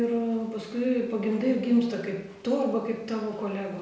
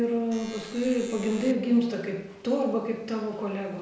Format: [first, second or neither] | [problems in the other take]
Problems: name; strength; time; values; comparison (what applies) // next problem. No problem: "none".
first | background sound (Alarm); 17 dB below the speech